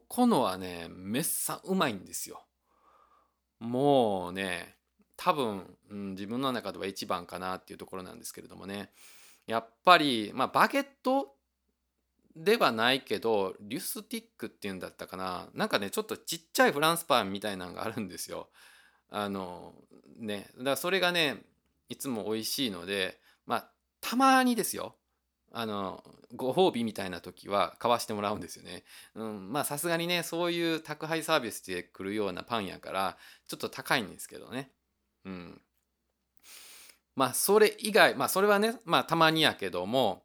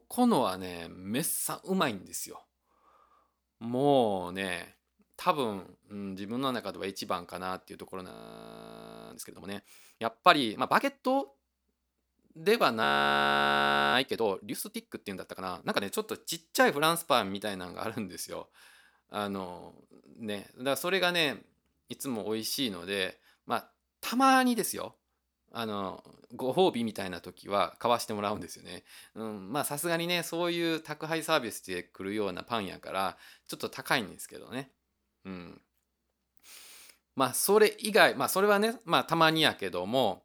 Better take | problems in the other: first | audio freezing; at 8 s for 1 s and at 13 s for 1 s

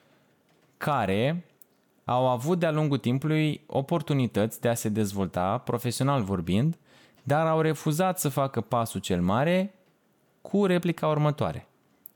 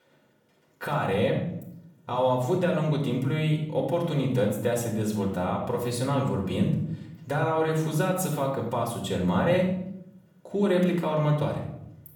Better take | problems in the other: first | off-mic speech; far // room echo; noticeable; dies away in 0.7 s

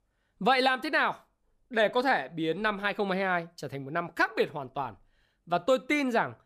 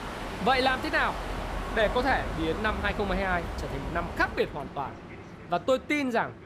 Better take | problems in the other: first | train or aircraft noise; loud; throughout; 8 dB below the speech

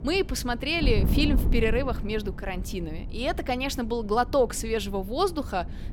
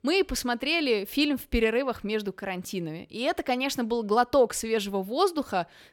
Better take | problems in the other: second | wind noise on the microphone; occasional gusts; 15 dB below the speech

